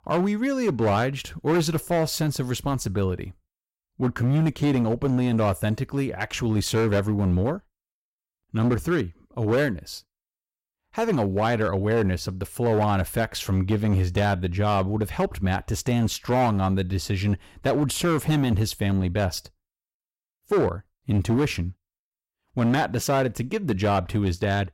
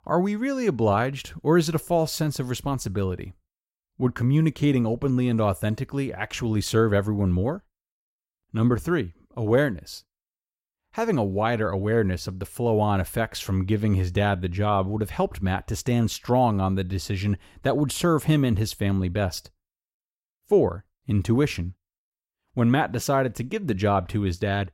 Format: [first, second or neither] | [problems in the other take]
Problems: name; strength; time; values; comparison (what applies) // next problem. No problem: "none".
second | distortion; slight; 9% of the sound clipped